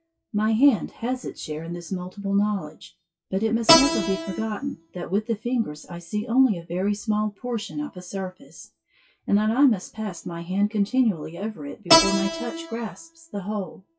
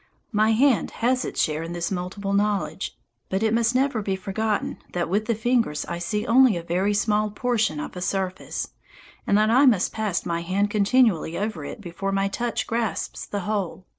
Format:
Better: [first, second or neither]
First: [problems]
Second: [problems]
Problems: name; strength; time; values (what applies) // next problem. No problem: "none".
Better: second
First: noise reduction (classical method WPE with log-MMSE)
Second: none